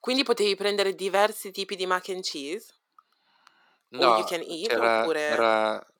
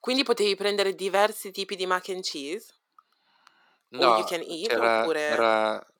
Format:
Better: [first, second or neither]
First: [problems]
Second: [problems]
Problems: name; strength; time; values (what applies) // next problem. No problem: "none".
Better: neither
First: thin; somewhat; fading below 300 Hz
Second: thin; somewhat; fading below 300 Hz